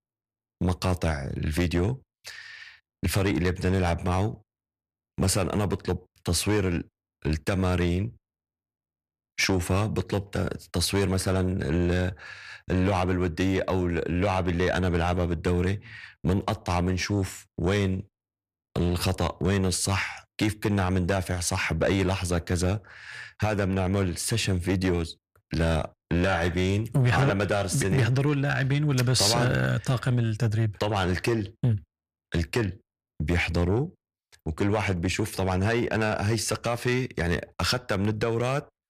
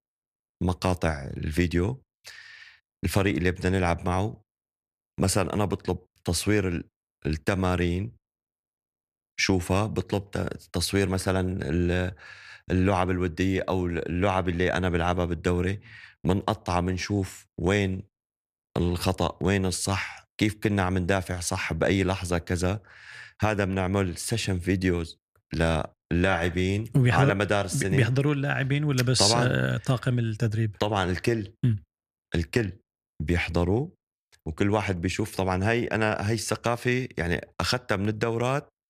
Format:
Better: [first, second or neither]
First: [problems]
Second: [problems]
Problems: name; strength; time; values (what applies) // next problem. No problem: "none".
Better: second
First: distortion; slight; 10 dB below the speech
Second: none